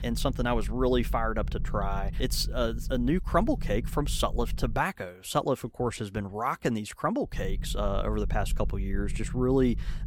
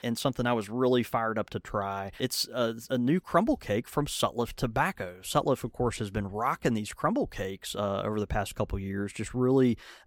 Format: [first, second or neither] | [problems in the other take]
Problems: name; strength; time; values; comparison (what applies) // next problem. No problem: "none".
second | low rumble; faint; until 5 s and from 7.5 s on; 20 dB below the speech